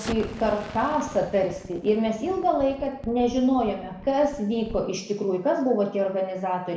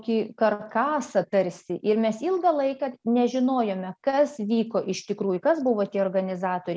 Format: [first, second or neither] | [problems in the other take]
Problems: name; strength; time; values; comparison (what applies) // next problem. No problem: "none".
second | background sound (Explosion); 17 dB below the speech // room echo; dies away in 0.7 s